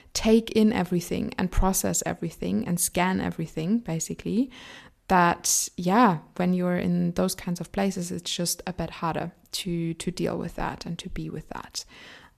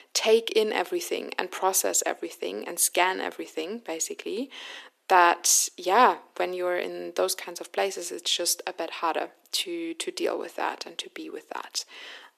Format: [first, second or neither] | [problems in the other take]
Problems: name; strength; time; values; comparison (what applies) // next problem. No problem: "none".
first | thin; very; fading below 300 Hz